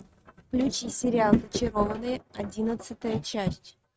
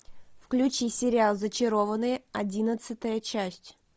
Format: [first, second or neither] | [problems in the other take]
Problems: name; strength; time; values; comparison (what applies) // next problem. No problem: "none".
second | noise reduction (neural mask model RNNoise)